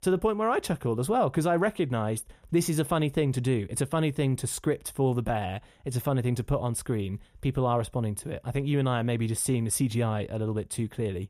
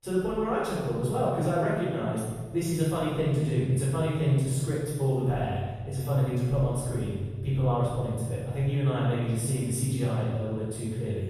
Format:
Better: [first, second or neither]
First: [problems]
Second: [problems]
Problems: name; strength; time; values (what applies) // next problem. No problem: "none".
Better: first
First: none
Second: off-mic speech; far // room echo; strong; dies away in 1.5 s